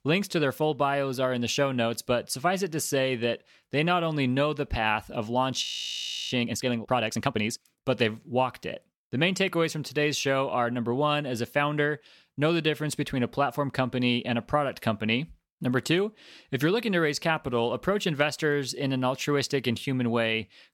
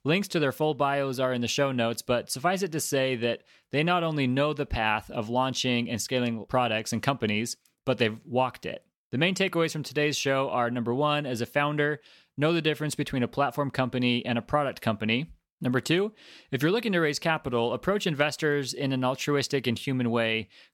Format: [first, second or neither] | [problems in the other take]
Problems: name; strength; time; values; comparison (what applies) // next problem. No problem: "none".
second | audio freezing; at 5.5 s for 0.5 s